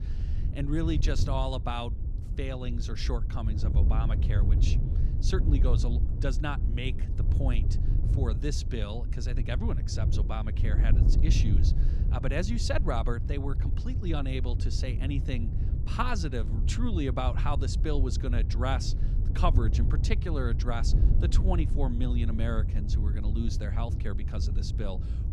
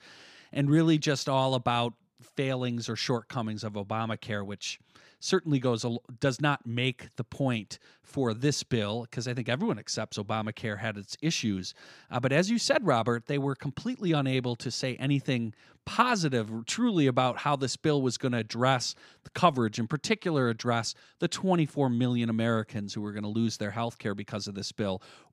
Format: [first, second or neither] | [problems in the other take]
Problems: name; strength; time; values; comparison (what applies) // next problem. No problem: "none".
second | wind noise on the microphone; heavy; 8 dB below the speech